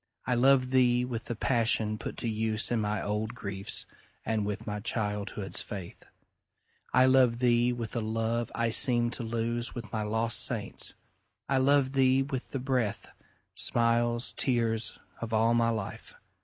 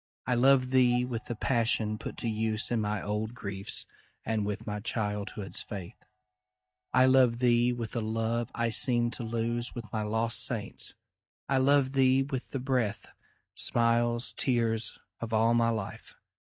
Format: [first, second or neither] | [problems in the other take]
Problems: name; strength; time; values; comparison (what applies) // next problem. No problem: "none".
first | noise reduction (neural mask model DeepFilterNet 3)